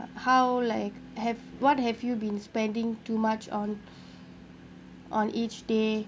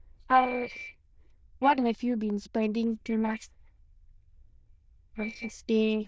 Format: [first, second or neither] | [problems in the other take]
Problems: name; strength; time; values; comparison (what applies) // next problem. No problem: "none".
first | noise reduction (neural diffusion model UNIVERSE++)